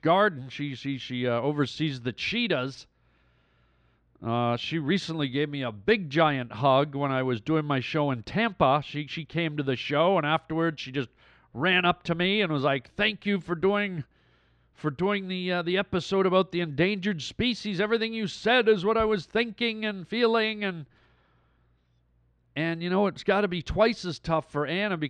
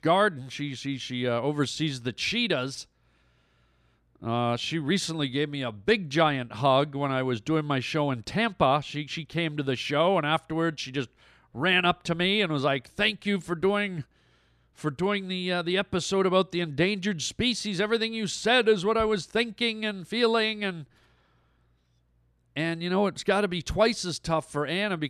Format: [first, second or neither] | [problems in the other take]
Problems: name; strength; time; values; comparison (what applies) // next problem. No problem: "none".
second | muffled; very slightly; fading above 3.5 kHz